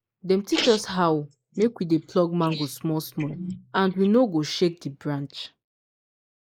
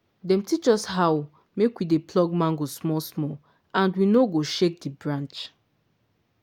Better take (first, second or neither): second